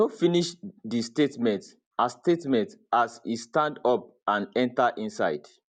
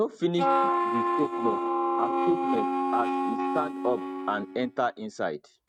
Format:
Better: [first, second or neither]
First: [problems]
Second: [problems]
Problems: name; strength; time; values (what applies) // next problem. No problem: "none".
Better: first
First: none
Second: noise reduction (neural mask model RNNoise)